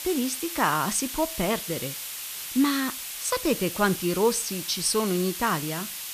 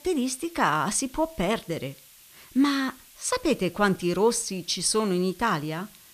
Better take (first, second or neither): second